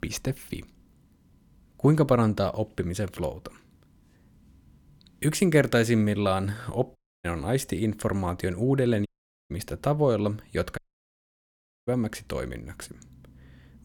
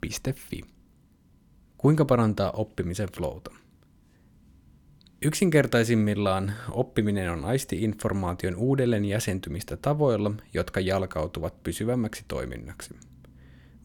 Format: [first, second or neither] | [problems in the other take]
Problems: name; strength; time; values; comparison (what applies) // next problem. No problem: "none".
second | audio cutting out; at 7 s, at 9 s and at 11 s for 1 s